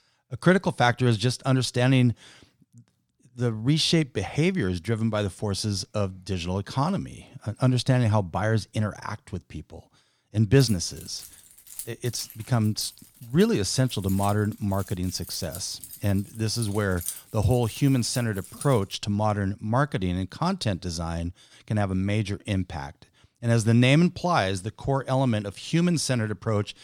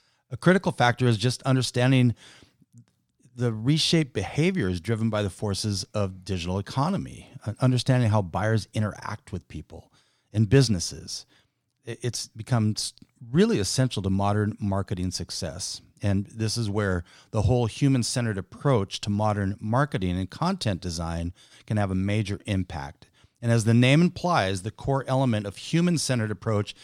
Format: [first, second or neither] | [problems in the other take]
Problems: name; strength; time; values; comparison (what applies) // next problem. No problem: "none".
second | jangling keys; noticeable; from 11 to 19 s; peak 8 dB below the speech